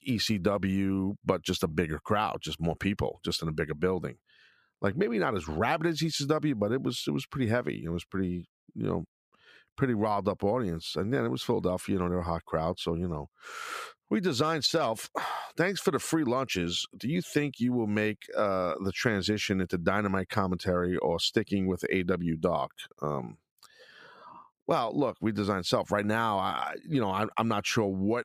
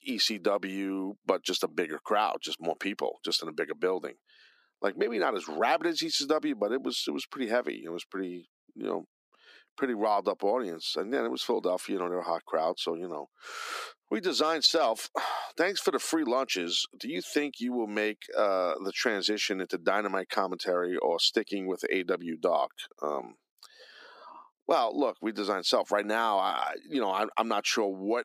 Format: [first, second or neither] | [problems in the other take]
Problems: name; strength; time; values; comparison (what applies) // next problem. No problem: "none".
first | thin; somewhat; fading below 250 Hz